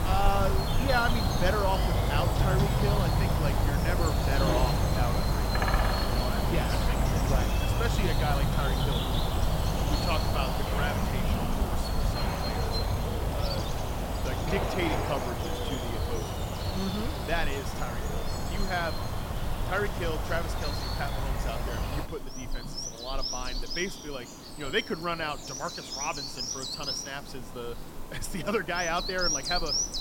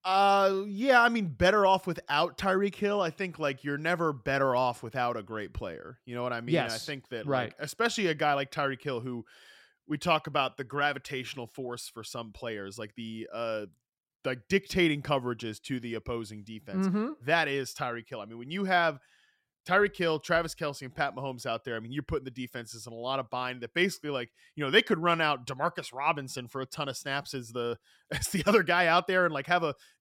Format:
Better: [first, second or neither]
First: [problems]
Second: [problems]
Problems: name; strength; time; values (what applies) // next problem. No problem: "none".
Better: second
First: animal sounds; very loud; throughout; 5 dB above the speech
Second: none